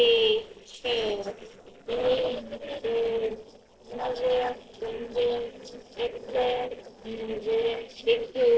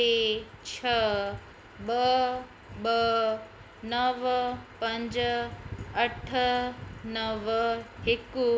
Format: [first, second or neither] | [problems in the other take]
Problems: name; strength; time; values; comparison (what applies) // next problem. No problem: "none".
second | noise reduction (neural separator model SepFormer DNS4)